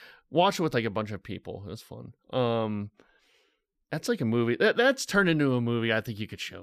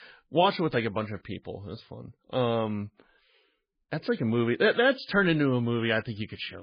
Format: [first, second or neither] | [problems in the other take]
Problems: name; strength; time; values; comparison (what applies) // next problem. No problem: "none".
first | garbled, watery; badly; nothing above 4 kHz